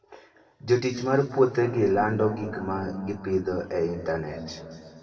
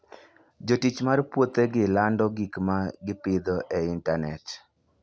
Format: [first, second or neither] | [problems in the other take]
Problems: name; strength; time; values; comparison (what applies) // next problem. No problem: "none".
second | room echo; dies away in 2.2 s